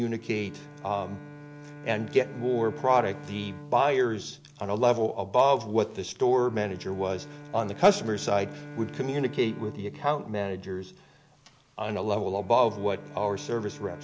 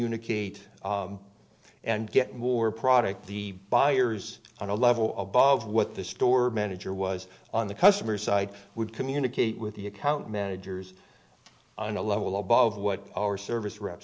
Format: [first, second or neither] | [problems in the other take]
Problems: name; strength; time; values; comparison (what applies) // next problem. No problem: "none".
second | background sound (Bowed string instrument); 17 dB below the speech